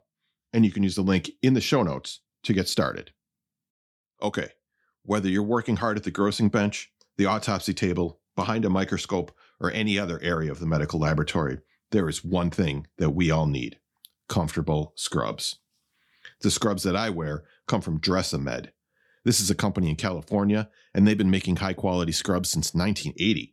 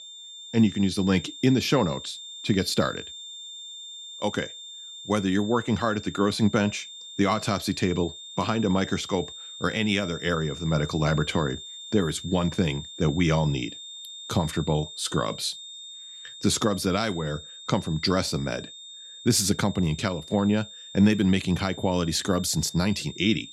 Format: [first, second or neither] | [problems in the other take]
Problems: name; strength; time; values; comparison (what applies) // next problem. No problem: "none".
first | high-pitched whine; noticeable; throughout; 3.5 kHz, 15 dB below the speech